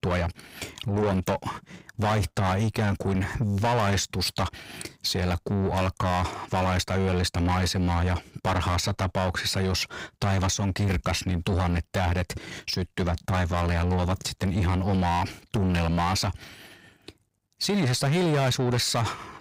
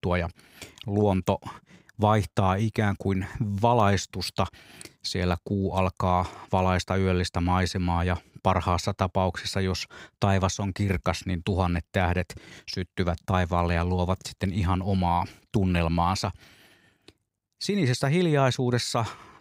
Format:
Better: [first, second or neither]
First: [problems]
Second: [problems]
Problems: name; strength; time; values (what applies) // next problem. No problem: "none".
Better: second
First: distortion; heavy; 5 dB below the speech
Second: none